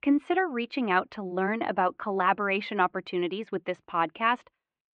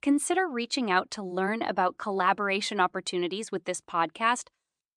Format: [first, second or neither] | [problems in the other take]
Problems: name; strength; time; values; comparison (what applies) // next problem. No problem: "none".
second | muffled; very; fading above 2.5 kHz